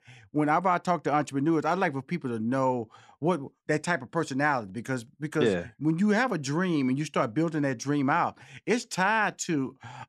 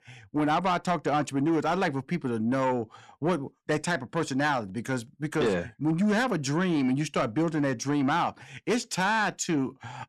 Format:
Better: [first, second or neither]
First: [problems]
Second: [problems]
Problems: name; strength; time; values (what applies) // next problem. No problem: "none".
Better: first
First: none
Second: distortion; slight; 10 dB below the speech